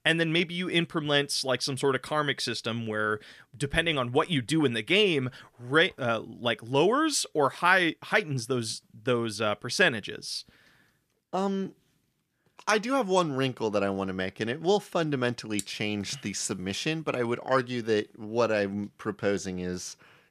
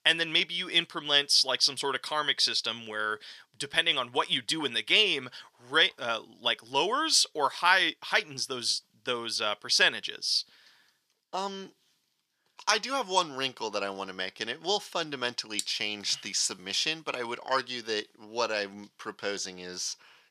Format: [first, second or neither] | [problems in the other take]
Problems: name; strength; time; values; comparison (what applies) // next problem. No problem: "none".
first | thin; somewhat; fading below 800 Hz